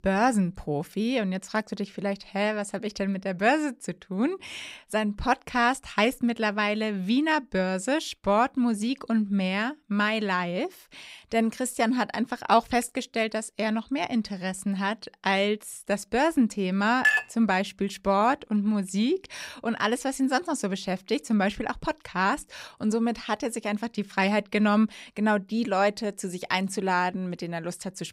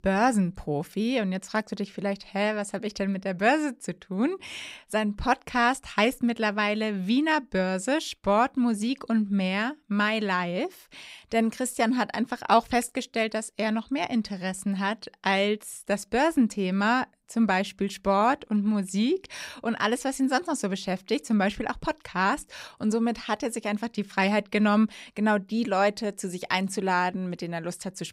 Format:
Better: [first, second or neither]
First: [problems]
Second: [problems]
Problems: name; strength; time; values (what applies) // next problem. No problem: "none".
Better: second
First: clattering dishes; loud; at 17 s; peak 4 dB above the speech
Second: none